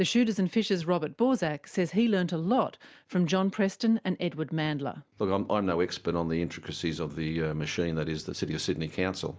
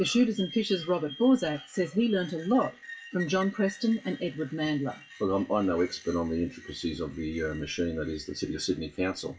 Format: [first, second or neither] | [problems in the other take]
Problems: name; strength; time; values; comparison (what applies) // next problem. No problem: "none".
first | noise reduction (classical method WPE with log-MMSE)